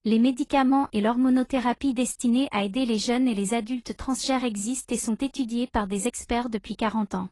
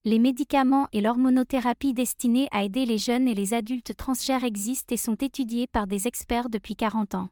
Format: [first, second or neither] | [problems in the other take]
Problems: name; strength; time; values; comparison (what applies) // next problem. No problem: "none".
second | garbled, watery; slightly; nothing above 11 kHz